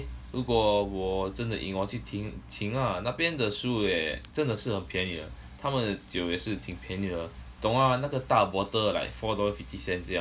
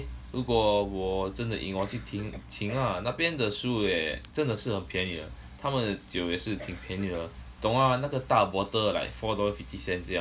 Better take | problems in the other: first | background sound (Cough); 18 dB below the speech

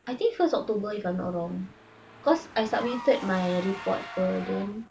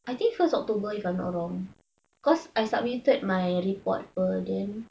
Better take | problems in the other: second | background sound (Engine / Car); 15 dB below the speech

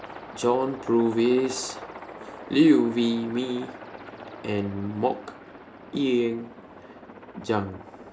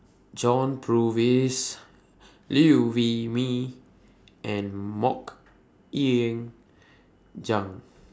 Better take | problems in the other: second | background sound (Aircraft); 16 dB below the speech // room echo; dies away in 0.3 s

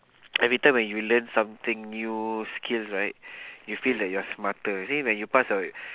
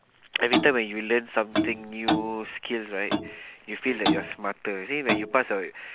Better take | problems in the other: first | background sound (Clock); 3 dB below the speech

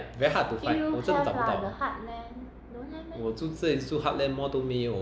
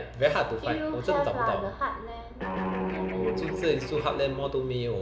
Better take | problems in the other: first | background sound (Guitar); 3 dB below the speech // room echo; dies away in 2.2 s

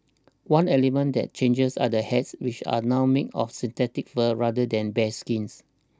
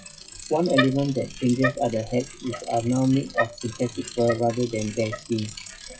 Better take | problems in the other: first | noise reduction (classical method WPE with log-MMSE)

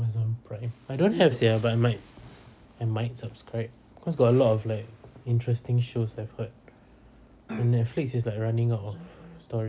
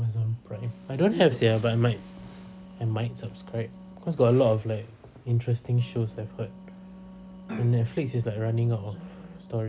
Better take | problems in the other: first | background sound (Wind instrument, woodwind instrument); 19 dB below the speech

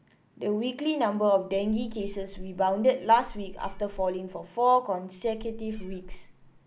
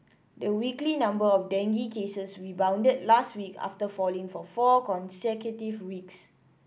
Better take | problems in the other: second | background sound (Meow); 12 dB below the speech

